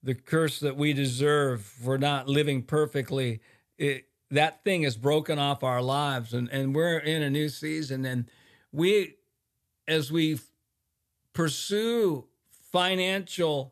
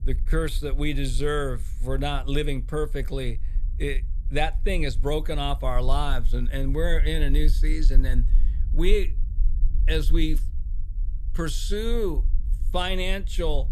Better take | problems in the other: first | low rumble; faint; throughout; 20 dB below the speech

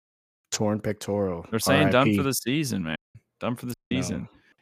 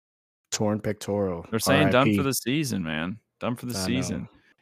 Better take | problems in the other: second | audio cutting out; at 3 s and at 3.5 s

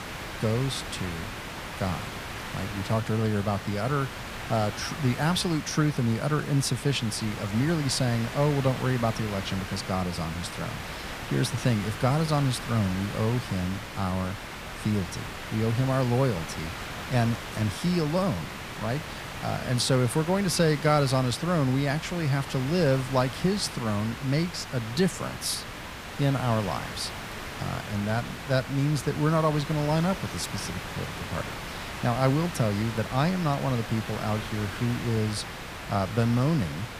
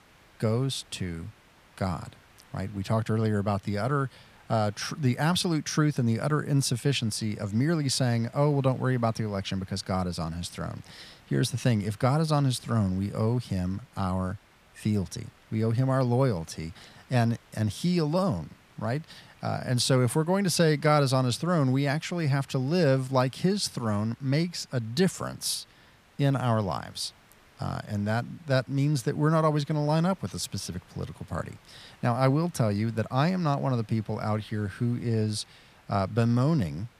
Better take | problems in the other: second | hiss; loud; throughout; 9 dB below the speech; faint in the second

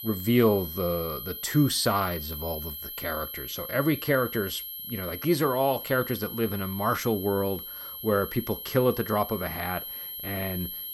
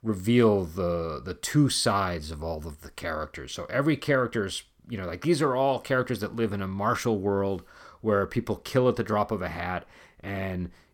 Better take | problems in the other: second | high-pitched whine; loud; throughout; 11.5 kHz, 8 dB below the speech

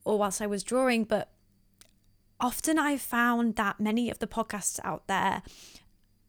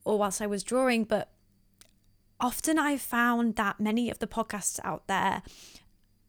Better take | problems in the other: neither | none

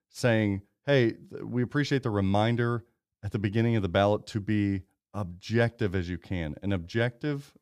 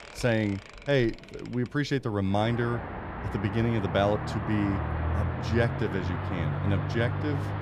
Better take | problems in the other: first | traffic noise; loud; throughout; 4 dB below the speech

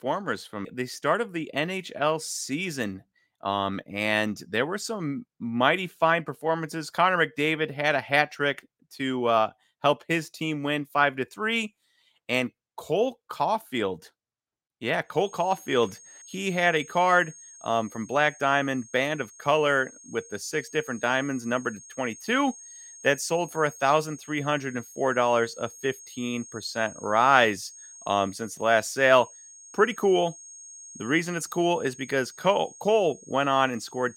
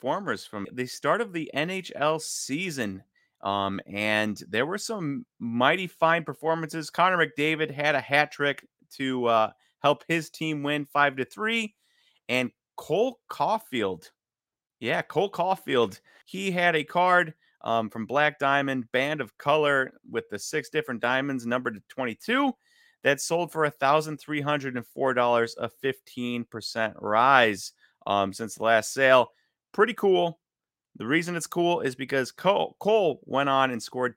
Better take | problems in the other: second | high-pitched whine; noticeable; from 15 s on; 6.5 kHz, 20 dB below the speech

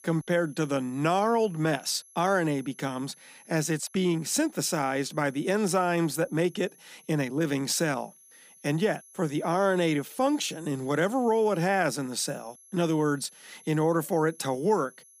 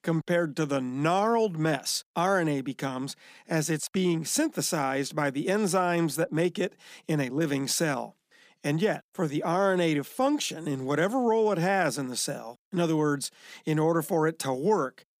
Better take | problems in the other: second | high-pitched whine; faint; throughout; 11 kHz, 25 dB below the speech

